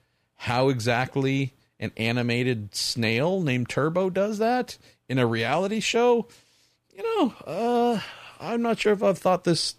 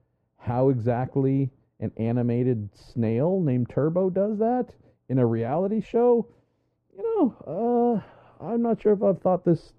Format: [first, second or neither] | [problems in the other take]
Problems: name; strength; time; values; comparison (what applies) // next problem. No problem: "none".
first | muffled; very; fading above 1.5 kHz